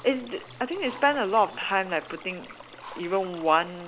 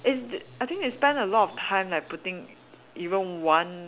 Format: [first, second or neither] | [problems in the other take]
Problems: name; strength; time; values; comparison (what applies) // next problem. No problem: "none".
second | background sound (Stream + Drill); 18 dB below the speech